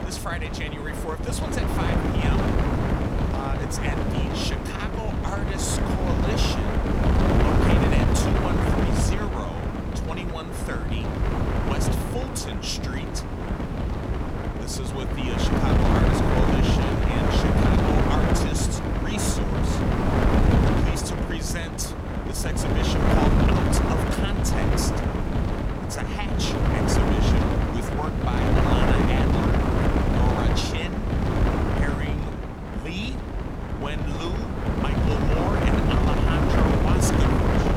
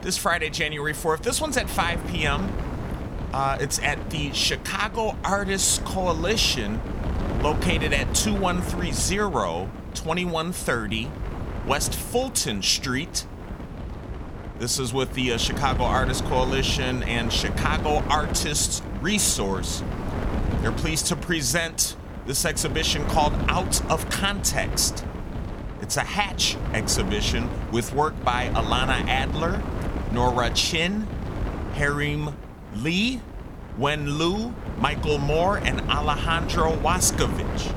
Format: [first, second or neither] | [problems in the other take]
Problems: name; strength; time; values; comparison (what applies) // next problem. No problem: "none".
second | wind noise on the microphone; heavy; 5 dB above the speech; occasional gusts in the second